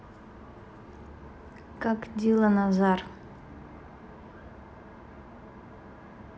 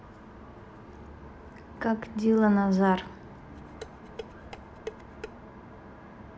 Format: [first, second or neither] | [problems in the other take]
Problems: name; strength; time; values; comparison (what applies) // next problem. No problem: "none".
first | background sound (Dishes, pots, and pans); 15 dB below the speech